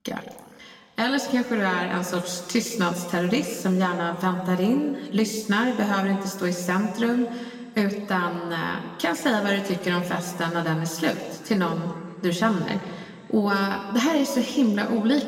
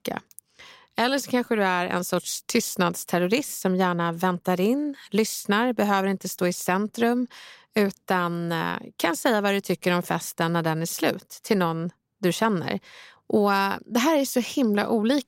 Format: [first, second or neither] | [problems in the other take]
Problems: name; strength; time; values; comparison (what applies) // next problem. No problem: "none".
second | room echo; slight; dies away in 2.1 s // off-mic speech; somewhat distant